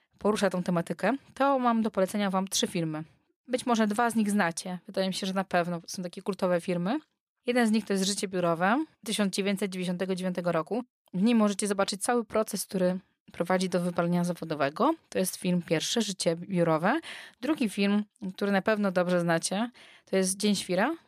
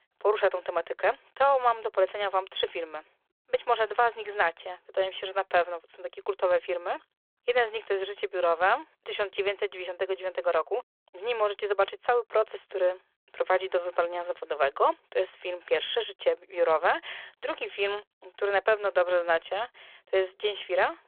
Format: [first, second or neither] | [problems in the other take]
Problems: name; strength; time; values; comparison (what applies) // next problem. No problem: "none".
first | phone-call audio